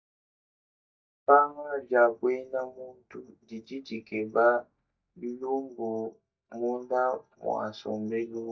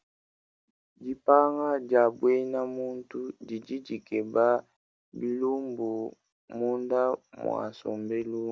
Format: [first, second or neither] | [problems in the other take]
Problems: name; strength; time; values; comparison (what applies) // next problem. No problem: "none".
second | noise reduction (neural mask model DeepFilterNet 3)